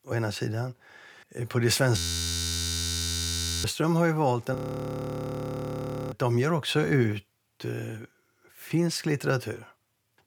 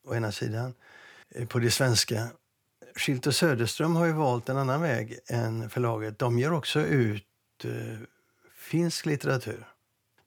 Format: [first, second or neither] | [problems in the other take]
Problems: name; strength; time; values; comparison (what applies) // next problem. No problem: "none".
second | audio freezing; at 2 s for 1.5 s and at 4.5 s for 1.5 s